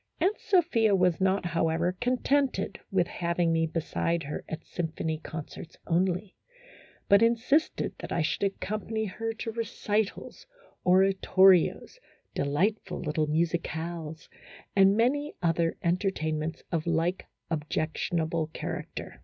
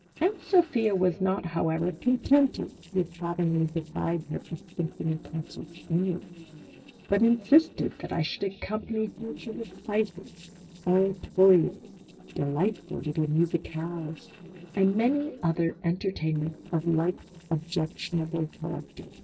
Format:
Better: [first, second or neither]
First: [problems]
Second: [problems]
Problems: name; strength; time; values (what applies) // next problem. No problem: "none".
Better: first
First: none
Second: noise reduction (neural separator model SepFormer DNS4)